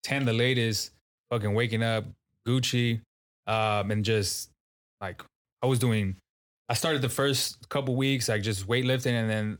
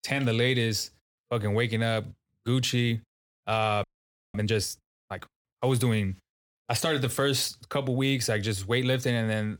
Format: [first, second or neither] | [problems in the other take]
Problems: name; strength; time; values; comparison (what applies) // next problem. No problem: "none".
first | audio freezing; at 4 s for 0.5 s